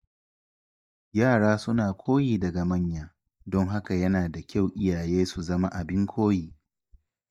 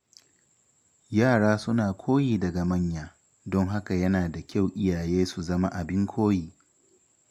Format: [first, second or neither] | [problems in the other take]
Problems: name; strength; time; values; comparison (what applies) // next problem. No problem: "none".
second | noise reduction (neural mask model DeepFilterNet 3)